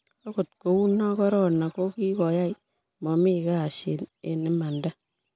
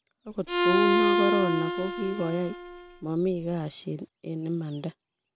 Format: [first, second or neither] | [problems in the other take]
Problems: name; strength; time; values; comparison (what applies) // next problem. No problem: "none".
first | background sound (Bowed string instrument); 3 dB above the speech